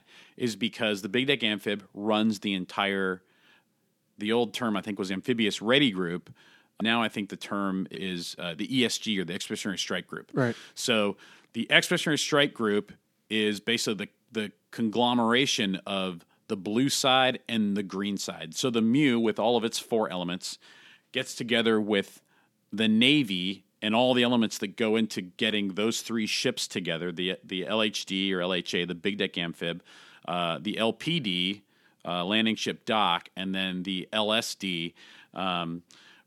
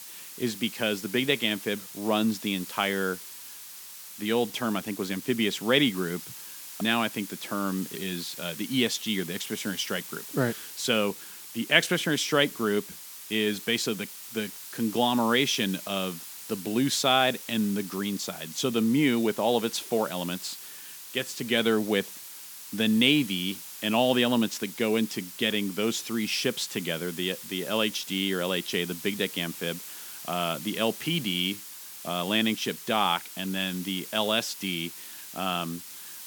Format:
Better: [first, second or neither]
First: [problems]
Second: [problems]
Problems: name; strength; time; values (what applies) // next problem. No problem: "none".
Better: first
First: none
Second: hiss; noticeable; throughout; 10 dB below the speech